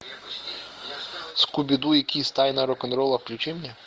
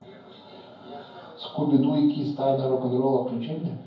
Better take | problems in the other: first | room echo; dies away in 0.9 s

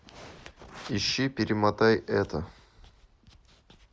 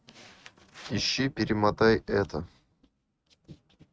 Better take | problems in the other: first | noise reduction (neural mask model RNNoise)

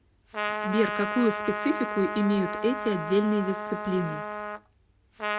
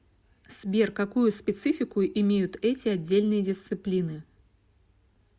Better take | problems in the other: second | background sound (Trumpet); 5 dB below the speech

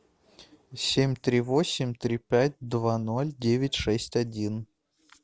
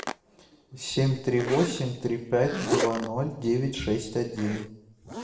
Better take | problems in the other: first | background sound (Zipper (clothing)); 7 dB below the speech // room echo; dies away in 0.8 s

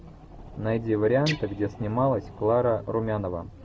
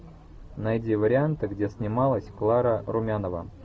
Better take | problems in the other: second | background sound (Guitar + Fire); 16 dB below the speech

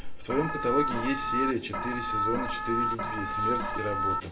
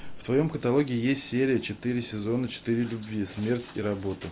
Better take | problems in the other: second | background sound (Alarm); 2 dB above the speech // room echo; dies away in 0.7 s

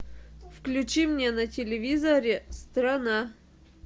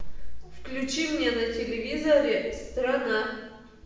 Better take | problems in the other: first | room echo; dies away in 0.9 s

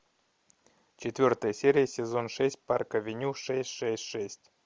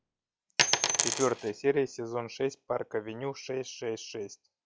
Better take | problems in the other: first | noise reduction (classical method log-MMSE)

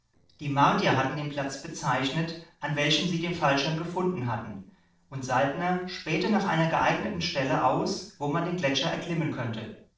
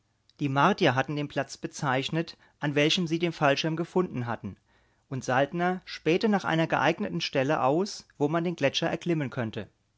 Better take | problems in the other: second | noise reduction (neural separator model SepFormer DNS4)

